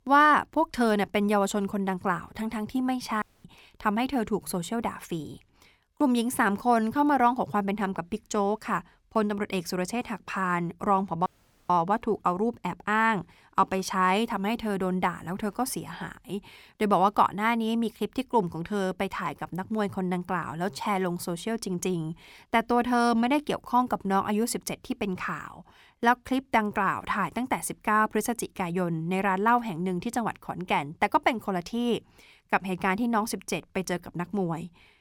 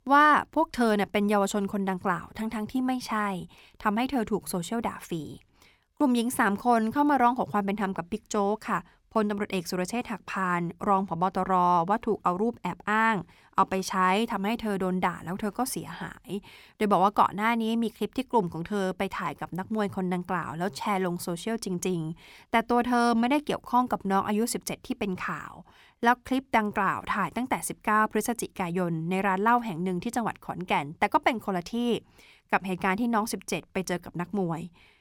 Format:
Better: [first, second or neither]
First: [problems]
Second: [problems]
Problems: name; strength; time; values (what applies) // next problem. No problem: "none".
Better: second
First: audio cutting out; at 3 s and at 11 s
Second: none